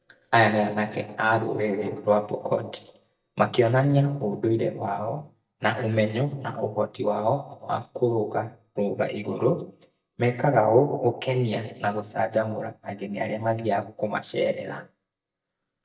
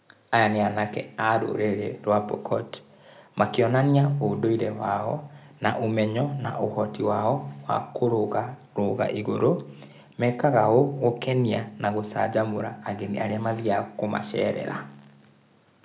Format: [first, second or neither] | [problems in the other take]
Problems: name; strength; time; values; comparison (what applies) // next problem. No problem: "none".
second | noise reduction (neural mask model DeepFilterNet 3)